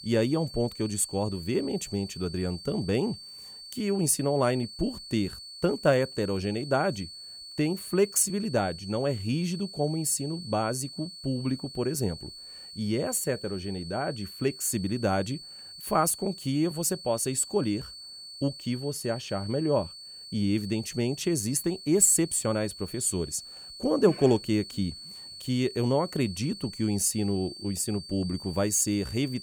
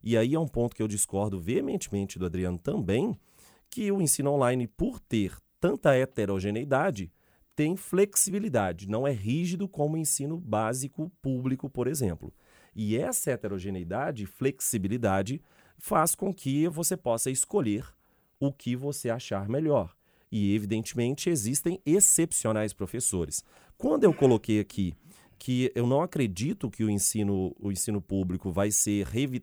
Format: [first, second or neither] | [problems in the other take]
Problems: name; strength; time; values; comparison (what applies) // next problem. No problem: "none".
second | high-pitched whine; noticeable; throughout; 4.5 kHz, 15 dB below the speech